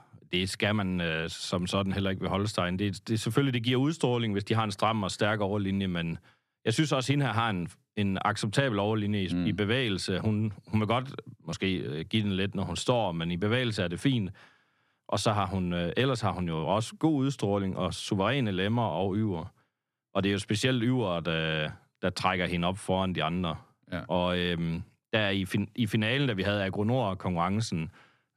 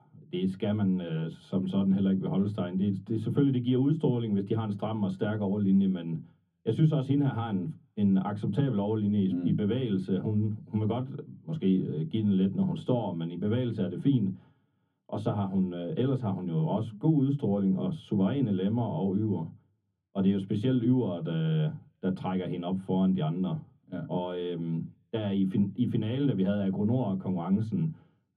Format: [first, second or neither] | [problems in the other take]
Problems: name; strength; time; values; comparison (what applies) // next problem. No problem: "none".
first | room echo; slight; dies away in 0.3 s // off-mic speech; far